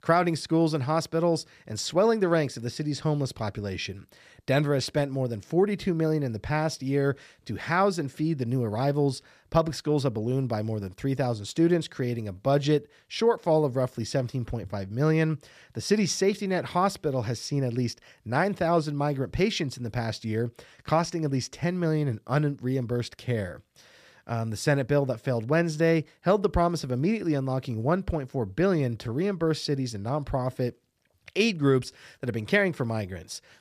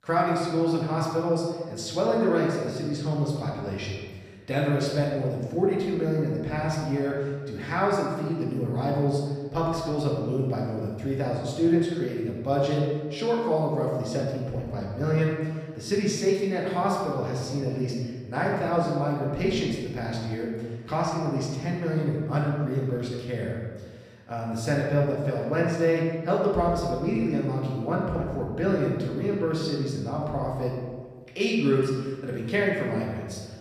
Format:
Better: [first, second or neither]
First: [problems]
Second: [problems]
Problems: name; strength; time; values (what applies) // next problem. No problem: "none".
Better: first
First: none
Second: room echo; noticeable; dies away in 1.3 s // off-mic speech; far